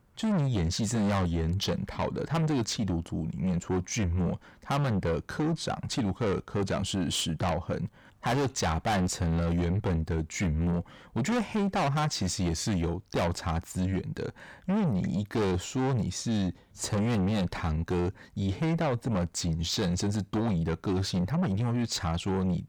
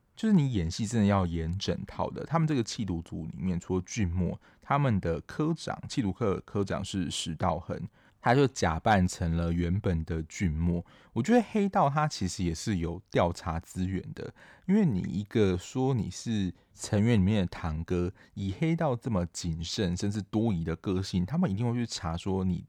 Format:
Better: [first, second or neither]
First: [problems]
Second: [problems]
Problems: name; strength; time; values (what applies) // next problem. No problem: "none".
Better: second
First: distortion; heavy; 6 dB below the speech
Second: none